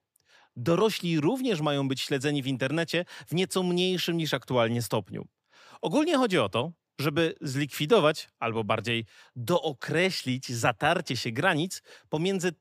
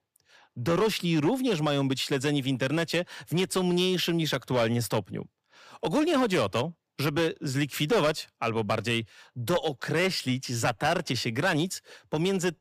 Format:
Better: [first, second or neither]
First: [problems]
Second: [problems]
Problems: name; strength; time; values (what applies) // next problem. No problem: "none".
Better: first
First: none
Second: distortion; slight; 6% of the sound clipped